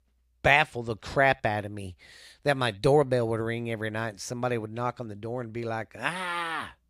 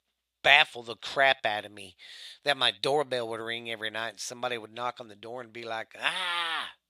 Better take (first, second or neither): first